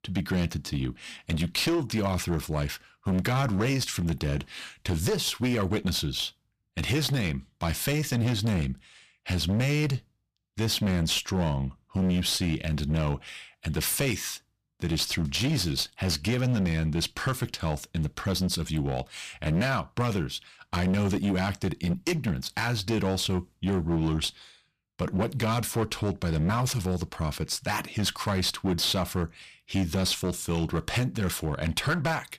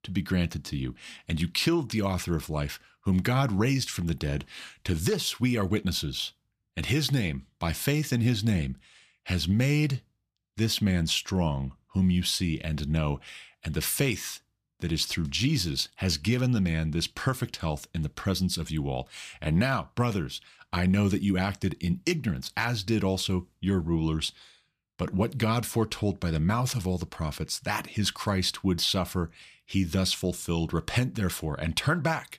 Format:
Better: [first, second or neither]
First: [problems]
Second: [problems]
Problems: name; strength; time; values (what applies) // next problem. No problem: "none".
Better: second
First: distortion; slight; 14% of the sound clipped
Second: none